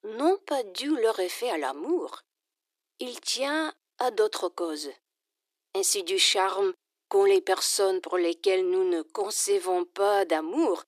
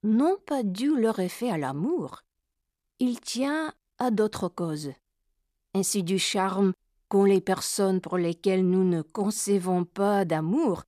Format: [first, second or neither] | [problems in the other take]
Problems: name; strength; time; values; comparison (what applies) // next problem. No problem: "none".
second | thin; very; fading below 300 Hz